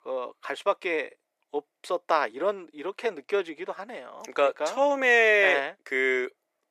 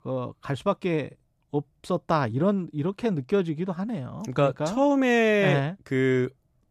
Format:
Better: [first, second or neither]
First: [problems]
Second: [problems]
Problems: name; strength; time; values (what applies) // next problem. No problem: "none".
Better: second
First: thin; very; fading below 400 Hz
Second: none